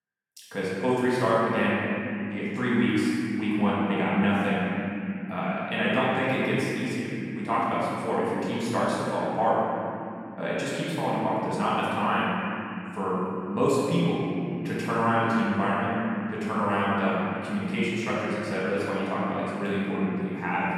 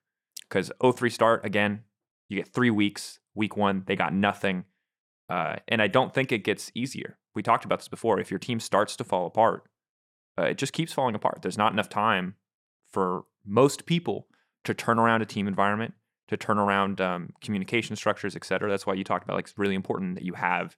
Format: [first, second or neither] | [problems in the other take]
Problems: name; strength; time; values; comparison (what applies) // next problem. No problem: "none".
second | room echo; strong; dies away in 3 s // off-mic speech; far